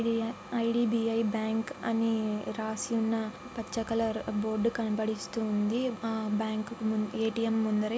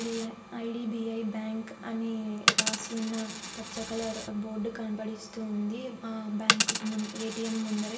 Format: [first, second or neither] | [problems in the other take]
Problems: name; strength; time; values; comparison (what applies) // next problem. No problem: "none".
first | background sound (Coin (dropping)); 1 dB below the speech // room echo; dies away in 1 s